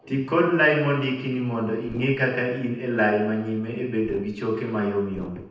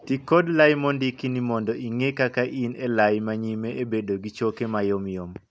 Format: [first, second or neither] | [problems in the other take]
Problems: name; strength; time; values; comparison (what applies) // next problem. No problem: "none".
second | noise reduction (neural separator model SepFormer DNS4)